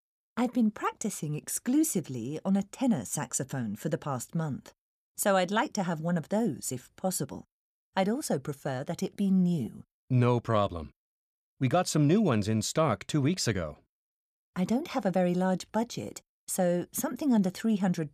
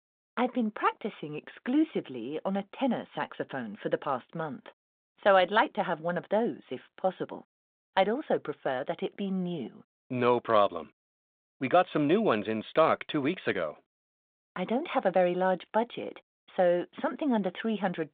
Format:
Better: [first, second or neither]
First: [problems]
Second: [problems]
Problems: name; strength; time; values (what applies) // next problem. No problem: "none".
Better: first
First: none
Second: phone-call audio; nothing above 3.5 kHz